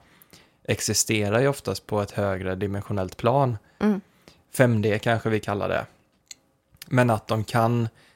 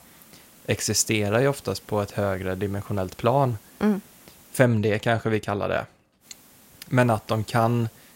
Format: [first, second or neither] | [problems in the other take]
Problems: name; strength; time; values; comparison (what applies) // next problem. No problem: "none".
first | hiss; faint; until 4.5 s and from 6 s on; 25 dB below the speech